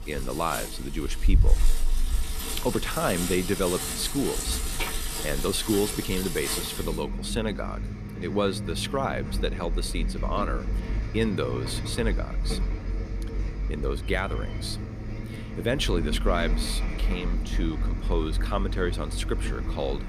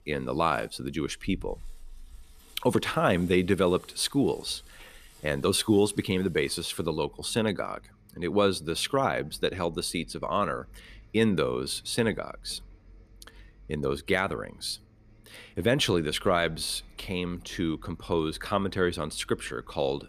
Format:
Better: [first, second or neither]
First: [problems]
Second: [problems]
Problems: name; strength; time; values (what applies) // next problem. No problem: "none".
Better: second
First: traffic noise; loud; throughout; 1 dB below the speech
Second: traffic noise; faint; throughout; 25 dB below the speech